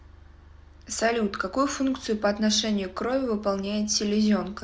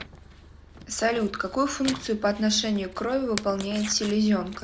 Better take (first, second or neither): first